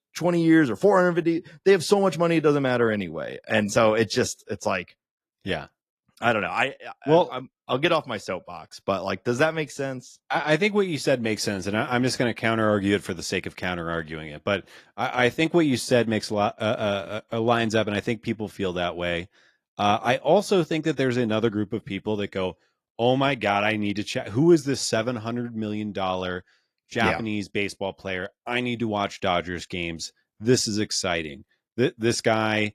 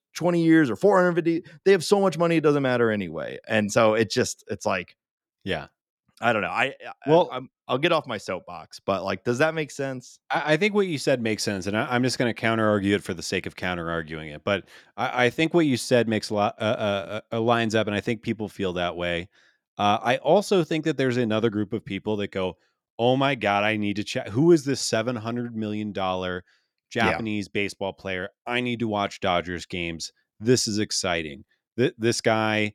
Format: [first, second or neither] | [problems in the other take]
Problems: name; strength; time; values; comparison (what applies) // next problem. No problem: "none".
second | garbled, watery; slightly